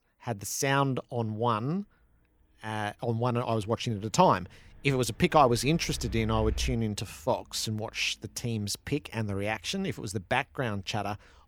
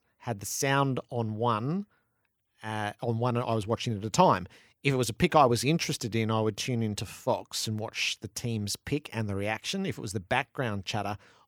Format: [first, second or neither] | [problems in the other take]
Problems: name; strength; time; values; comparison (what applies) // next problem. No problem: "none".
second | traffic noise; noticeable; throughout; 15 dB below the speech